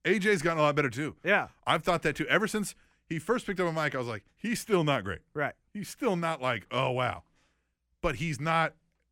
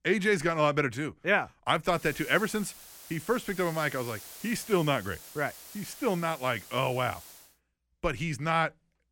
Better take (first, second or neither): first